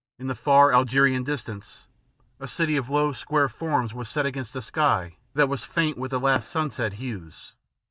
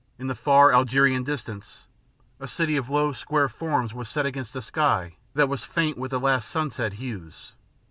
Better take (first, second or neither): second